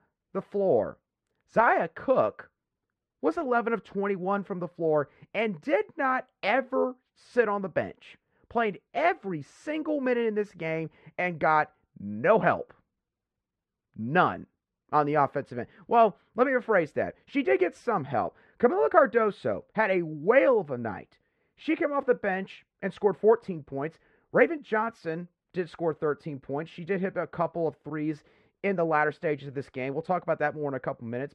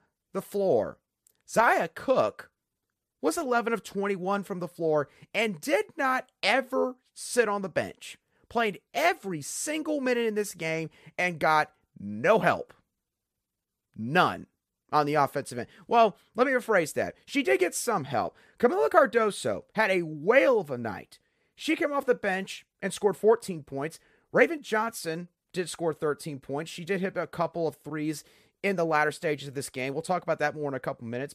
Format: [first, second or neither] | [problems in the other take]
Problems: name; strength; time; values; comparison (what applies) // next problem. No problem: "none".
second | muffled; very; fading above 2 kHz